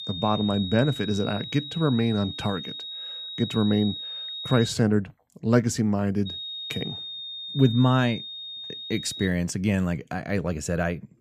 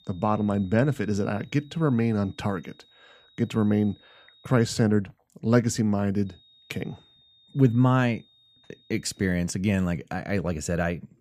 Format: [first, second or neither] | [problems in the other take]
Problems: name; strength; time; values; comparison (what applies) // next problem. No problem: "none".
second | high-pitched whine; loud; until 4.5 s and from 6.5 to 9.5 s; 4 kHz, 8 dB below the speech; faint in the second